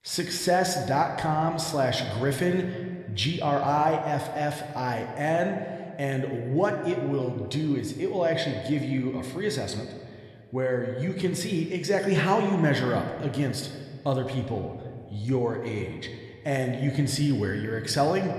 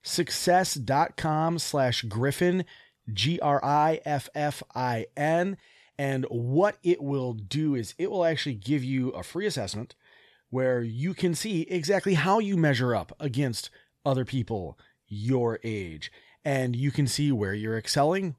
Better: second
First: room echo; slight; dies away in 1.7 s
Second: none

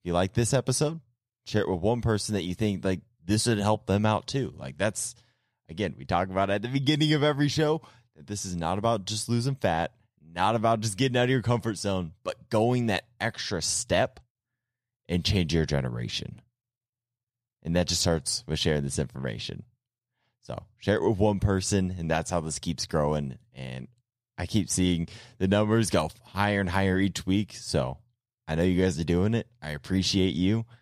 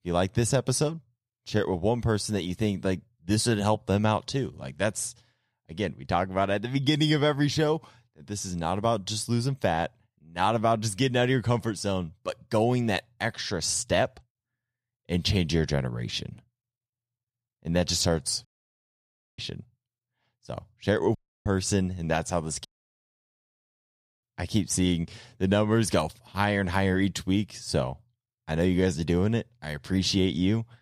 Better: first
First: none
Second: audio cutting out; at 18 s for 1 s, at 21 s and at 23 s for 1.5 s

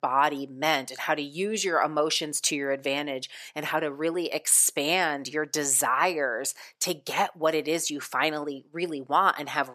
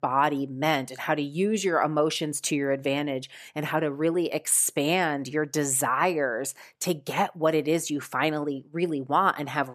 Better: second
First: thin; very slightly; fading below 550 Hz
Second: none

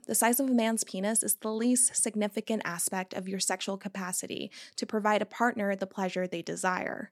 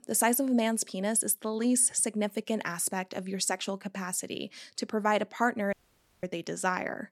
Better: first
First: none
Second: audio cutting out; at 5.5 s for 0.5 s

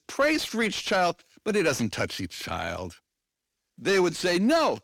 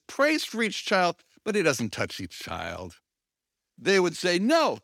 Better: second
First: distortion; slight; 10 dB below the speech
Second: none

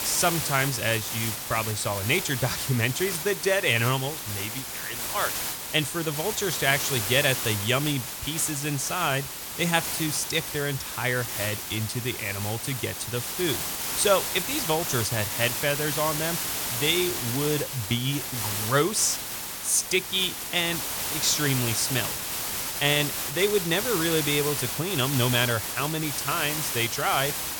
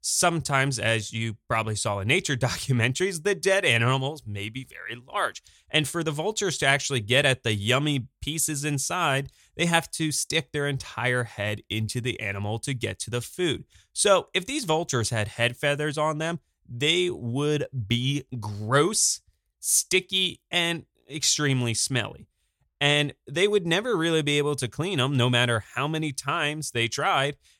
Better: second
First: hiss; loud; throughout; 3 dB below the speech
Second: none

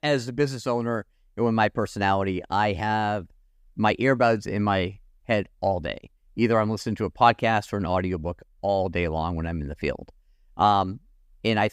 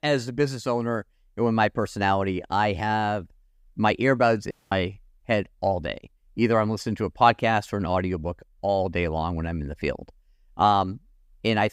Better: first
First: none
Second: audio cutting out; at 4.5 s

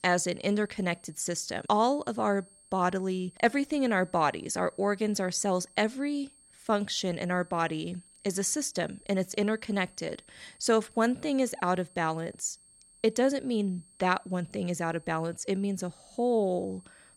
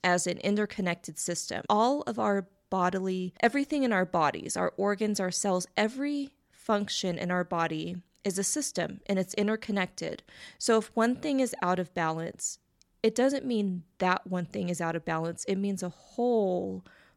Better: second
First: high-pitched whine; faint; throughout; 8.5 kHz, 25 dB below the speech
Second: none

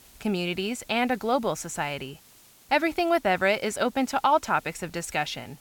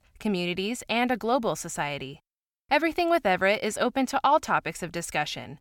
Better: second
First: hiss; faint; throughout; 25 dB below the speech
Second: none

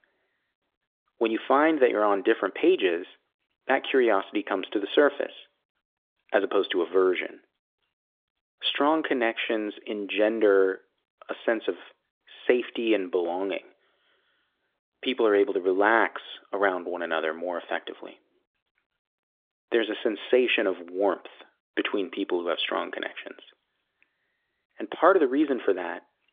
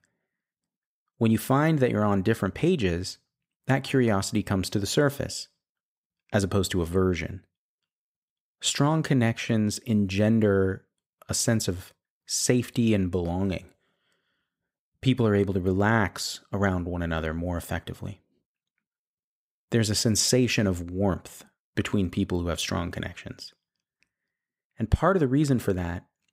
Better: second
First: phone-call audio; nothing above 3.5 kHz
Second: none

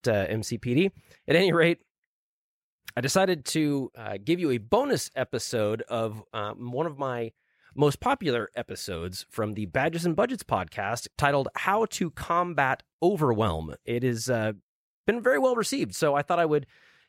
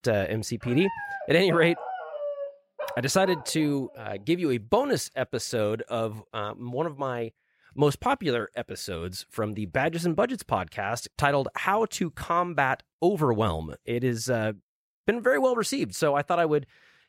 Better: first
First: none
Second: dog barking; noticeable; from 0.5 to 4 s; peak 7 dB below the speech

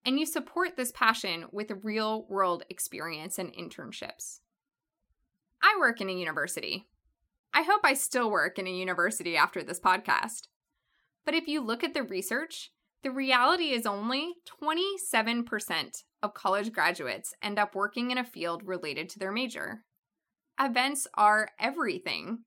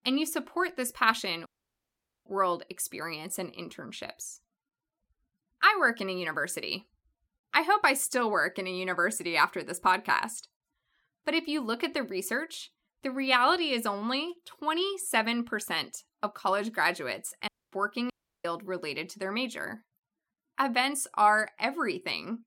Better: first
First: none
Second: audio cutting out; at 1.5 s for 1 s, at 17 s and at 18 s

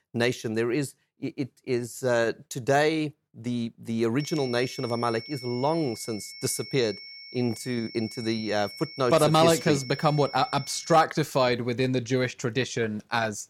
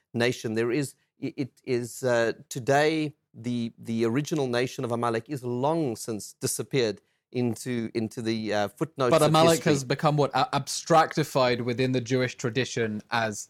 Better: second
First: high-pitched whine; noticeable; from 4 to 11 s; 5.5 kHz, 15 dB below the speech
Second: none

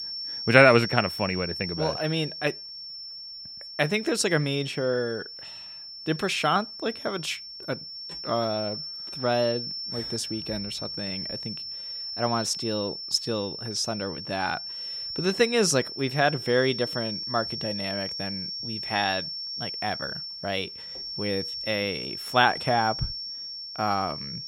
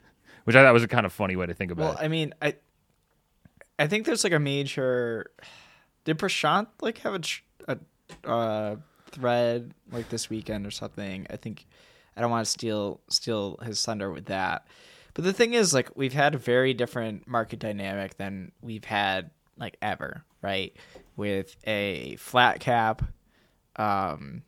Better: second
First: high-pitched whine; loud; throughout; 5.5 kHz, 6 dB below the speech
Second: none

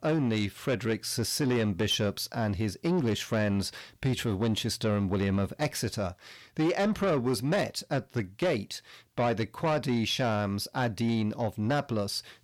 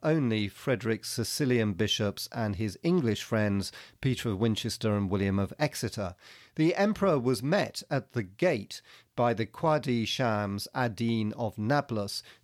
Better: second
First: distortion; slight; 10 dB below the speech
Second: none

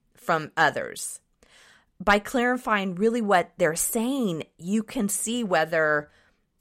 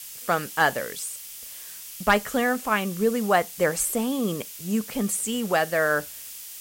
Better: first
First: none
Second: hiss; noticeable; throughout; 10 dB below the speech

